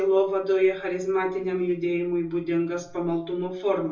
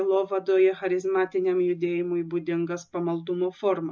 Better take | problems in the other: second | room echo; dies away in 0.3 s

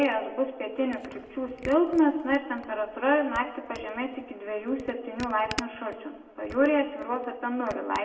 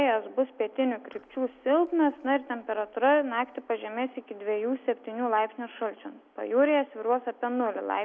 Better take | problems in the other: second | background sound (Camera); 18 dB below the speech // room echo; dies away in 0.9 s

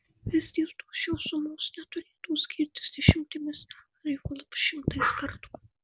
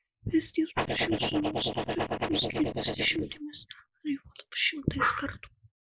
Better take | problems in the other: first | noise reduction (neural mask model Resemble Enhance denoiser)

